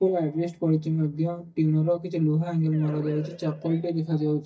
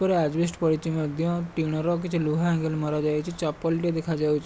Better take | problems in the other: second | noise reduction (neural mask model DeepFilterNet 3)

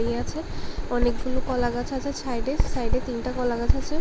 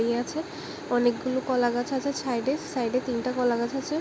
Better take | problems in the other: second | background sound (Writing); 4 dB above the speech

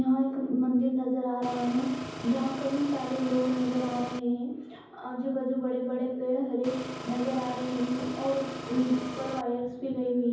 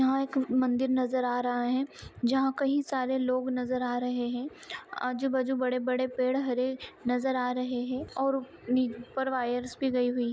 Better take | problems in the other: second | background sound (Engine); 10 dB below the speech // room echo; dies away in 0.9 s

